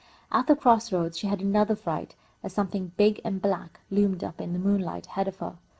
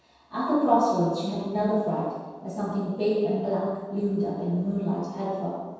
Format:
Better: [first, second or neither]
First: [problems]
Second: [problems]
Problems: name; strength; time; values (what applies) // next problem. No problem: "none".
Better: first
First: none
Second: room echo; dies away in 1.2 s